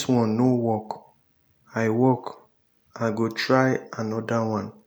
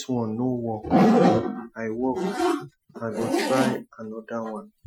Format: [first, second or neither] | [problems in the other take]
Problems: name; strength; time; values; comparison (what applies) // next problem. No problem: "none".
first | noise reduction (classical method Wiener filter)